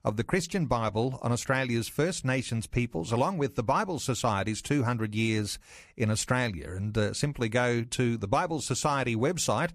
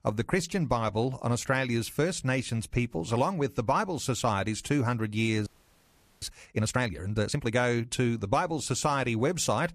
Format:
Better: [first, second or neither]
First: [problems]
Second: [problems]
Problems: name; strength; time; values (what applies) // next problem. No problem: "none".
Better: first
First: none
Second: audio freezing; at 5.5 s for 1 s